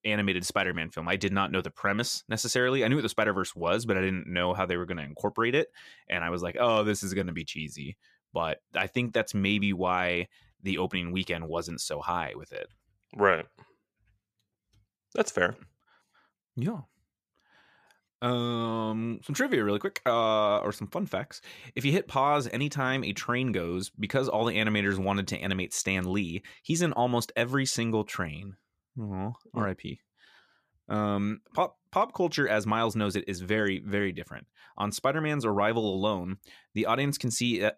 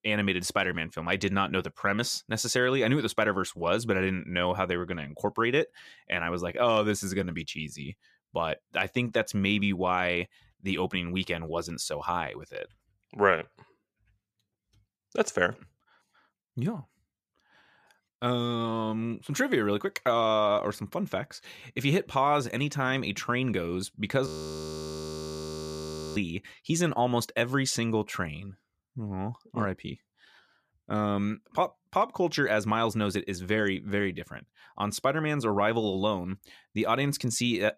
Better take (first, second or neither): first